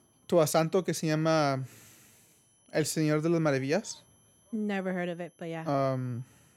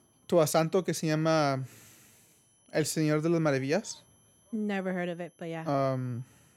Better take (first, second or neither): neither